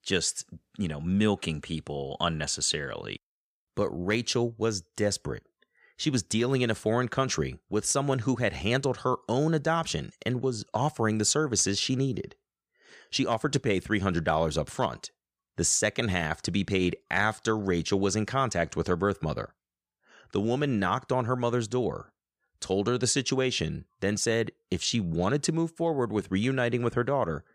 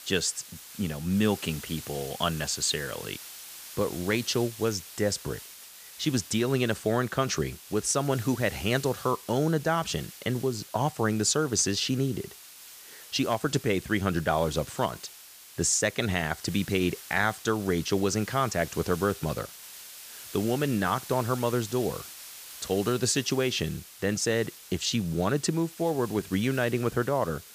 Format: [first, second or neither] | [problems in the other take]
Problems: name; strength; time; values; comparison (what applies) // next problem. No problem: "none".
first | hiss; noticeable; throughout; 15 dB below the speech